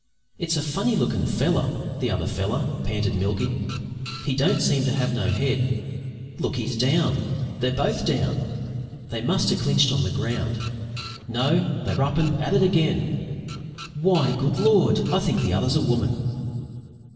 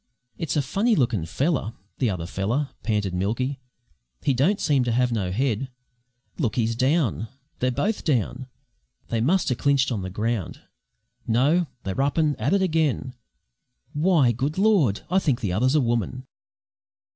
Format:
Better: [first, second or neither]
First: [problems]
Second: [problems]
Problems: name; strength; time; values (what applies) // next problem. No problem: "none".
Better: second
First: background sound (Printer); 18 dB below the speech // room echo; dies away in 2.5 s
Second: none